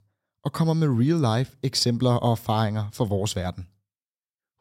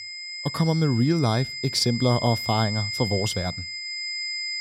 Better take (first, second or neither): first